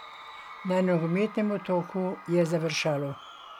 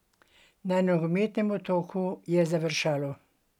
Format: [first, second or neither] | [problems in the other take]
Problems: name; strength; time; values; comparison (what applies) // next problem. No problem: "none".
second | background sound (Crowd / Cheering); 16 dB below the speech